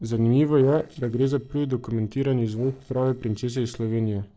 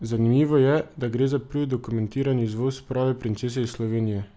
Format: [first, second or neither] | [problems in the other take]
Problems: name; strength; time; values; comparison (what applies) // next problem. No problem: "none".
second | noise reduction (neural separator model SepFormer DNS4)